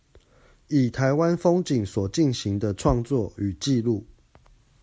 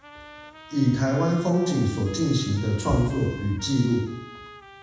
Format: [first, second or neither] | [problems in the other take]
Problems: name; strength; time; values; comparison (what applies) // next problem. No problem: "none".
first | background sound (Trumpet); 19 dB below the speech // room echo; dies away in 1 s